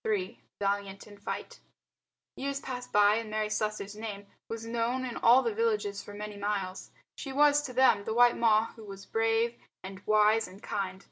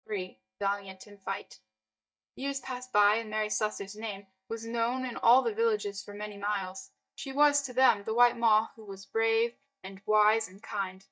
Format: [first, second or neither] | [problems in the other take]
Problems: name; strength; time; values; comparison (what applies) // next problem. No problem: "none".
first | noise reduction (neural mask model DeepFilterNet 3)